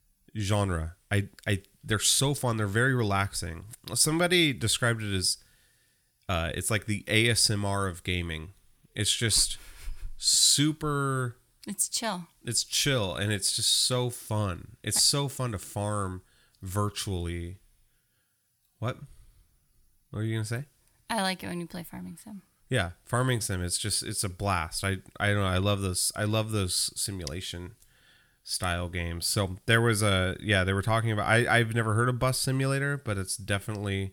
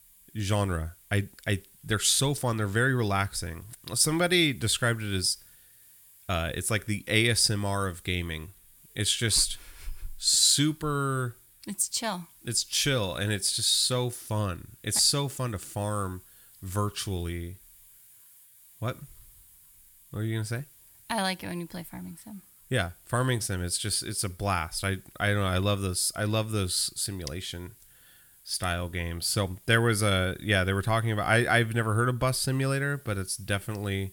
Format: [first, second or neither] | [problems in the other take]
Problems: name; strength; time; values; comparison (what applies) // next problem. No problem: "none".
first | hiss; faint; throughout; 25 dB below the speech